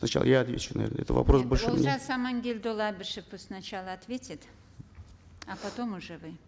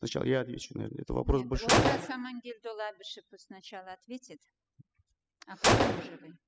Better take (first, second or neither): first